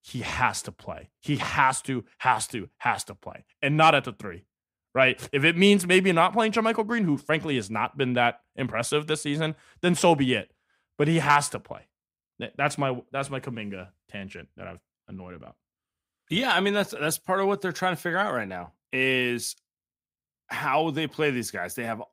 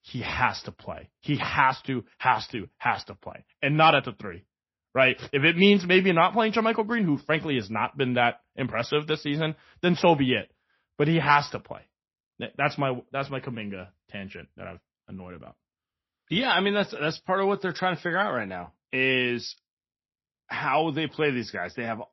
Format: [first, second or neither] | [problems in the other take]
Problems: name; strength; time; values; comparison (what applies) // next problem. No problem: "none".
first | garbled, watery; slightly; nothing above 5.5 kHz